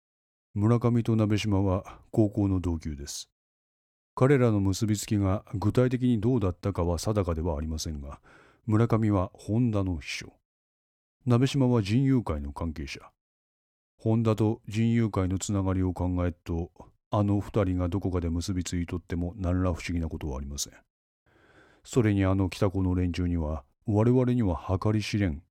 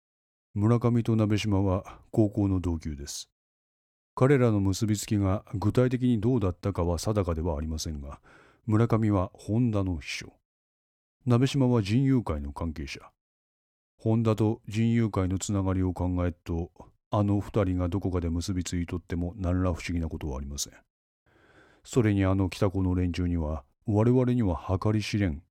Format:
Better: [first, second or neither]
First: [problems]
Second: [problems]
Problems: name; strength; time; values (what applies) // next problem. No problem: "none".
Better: neither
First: none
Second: none